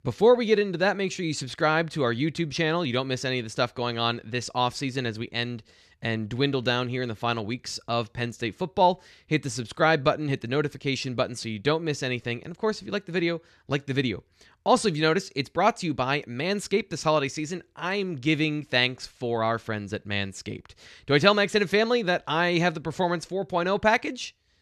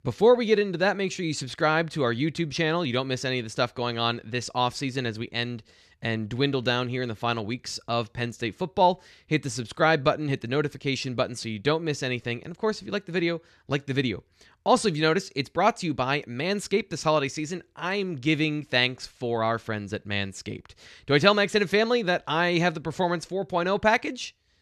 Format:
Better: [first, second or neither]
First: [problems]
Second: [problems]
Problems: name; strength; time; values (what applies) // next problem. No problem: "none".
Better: neither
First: none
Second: none